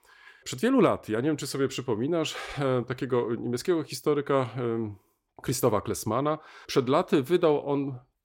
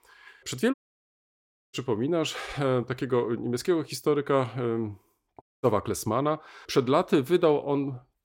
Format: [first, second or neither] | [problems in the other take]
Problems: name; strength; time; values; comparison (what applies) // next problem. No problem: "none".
first | audio cutting out; at 0.5 s for 1 s and at 5.5 s